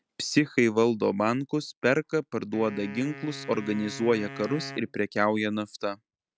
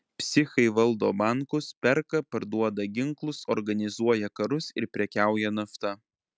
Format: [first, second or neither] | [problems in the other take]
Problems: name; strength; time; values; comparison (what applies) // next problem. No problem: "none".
second | background sound (Wind instrument, woodwind instrument); 16 dB below the speech